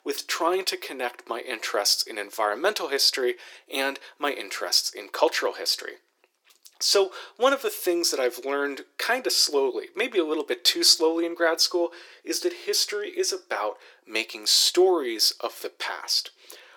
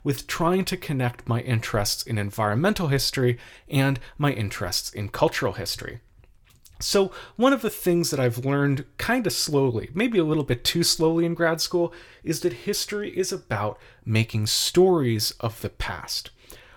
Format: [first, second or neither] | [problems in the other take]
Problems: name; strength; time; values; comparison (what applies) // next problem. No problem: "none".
second | thin; very; fading below 350 Hz